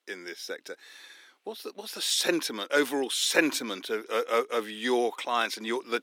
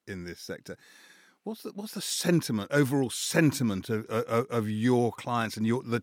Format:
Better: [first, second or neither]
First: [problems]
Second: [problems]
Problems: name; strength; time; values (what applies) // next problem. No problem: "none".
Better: second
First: thin; somewhat; fading below 300 Hz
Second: none